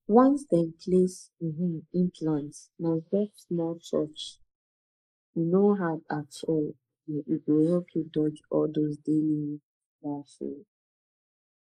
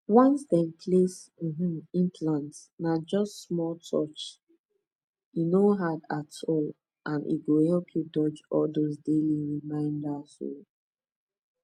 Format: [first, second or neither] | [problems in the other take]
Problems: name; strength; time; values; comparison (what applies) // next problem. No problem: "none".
second | noise reduction (neural mask model Resemble Enhance denoiser)